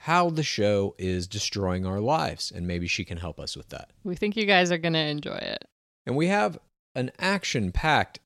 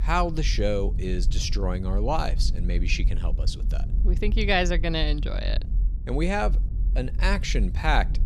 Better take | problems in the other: first | low rumble; noticeable; throughout; 20 dB below the speech

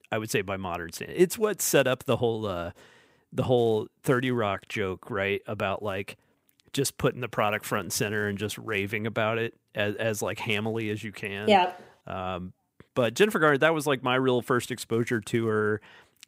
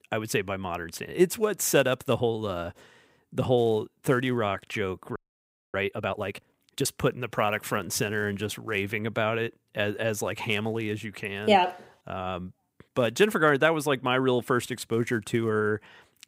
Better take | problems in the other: first | audio freezing; at 5 s for 0.5 s

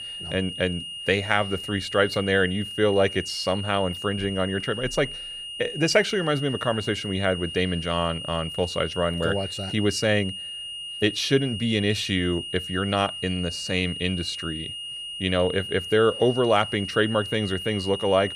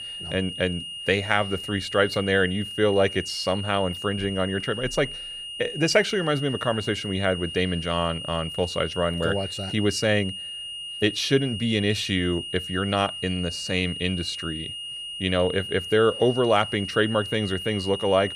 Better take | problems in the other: neither | high-pitched whine; loud; throughout; 3 kHz, 8 dB below the speech; the same in both

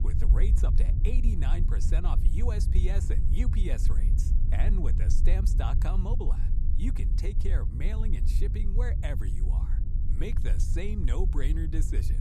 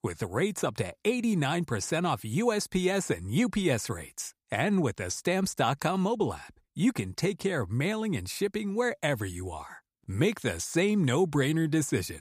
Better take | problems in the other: second | low rumble; loud; throughout; 5 dB below the speech

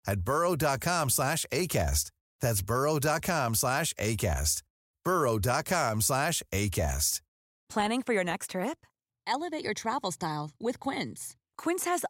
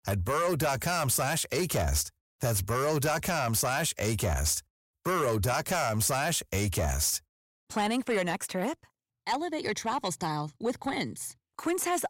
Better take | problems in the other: first | distortion; slight; 10 dB below the speech

